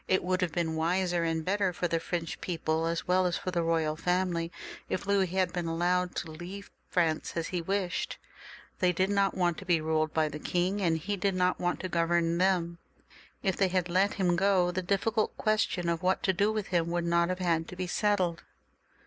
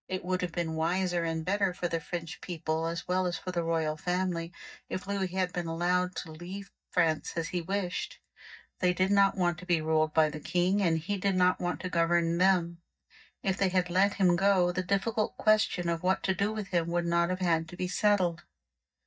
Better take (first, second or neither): first